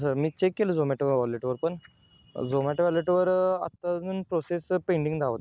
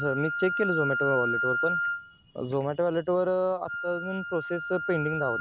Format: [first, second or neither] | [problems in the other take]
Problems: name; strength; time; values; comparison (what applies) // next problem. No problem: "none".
first | background sound (Wind instrument, woodwind instrument); 3 dB below the speech